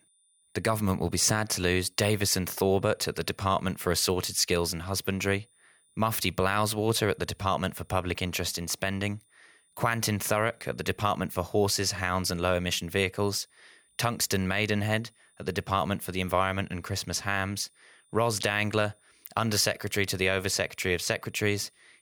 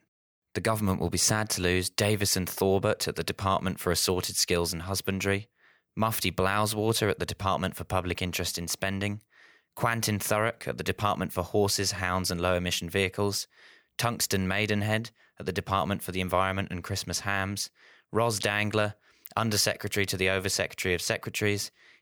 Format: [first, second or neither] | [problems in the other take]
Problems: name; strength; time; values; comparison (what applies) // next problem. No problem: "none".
second | high-pitched whine; faint; throughout; 9.5 kHz, 35 dB below the speech